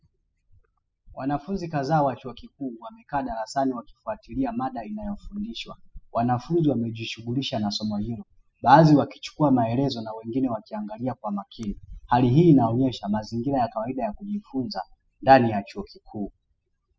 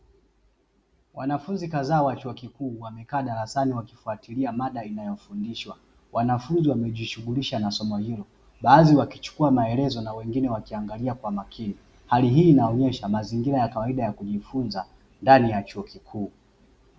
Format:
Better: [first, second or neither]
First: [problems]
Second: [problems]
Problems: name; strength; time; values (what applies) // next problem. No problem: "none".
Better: second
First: noise reduction (classical method spectral subtraction)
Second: none